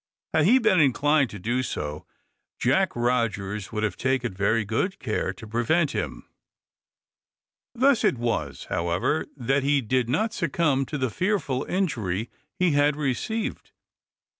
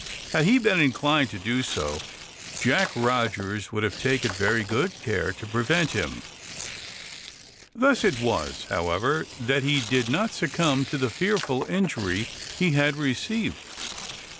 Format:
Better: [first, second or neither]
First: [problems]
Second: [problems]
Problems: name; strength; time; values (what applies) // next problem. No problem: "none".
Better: first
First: none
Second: background sound (Shatter + Tearing); 12 dB below the speech